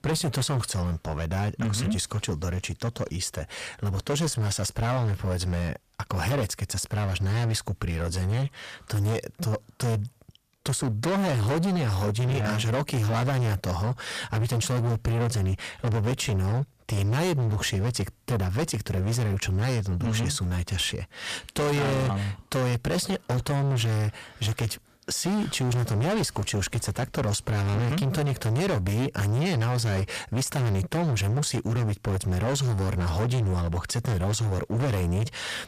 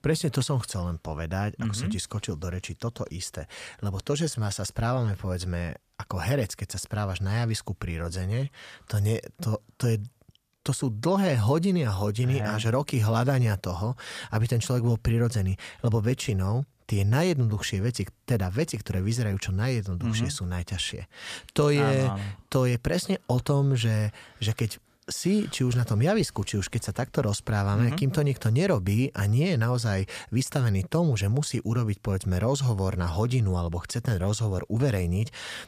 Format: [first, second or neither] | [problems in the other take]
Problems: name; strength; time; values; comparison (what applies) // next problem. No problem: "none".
second | distortion; heavy; 29% of the sound clipped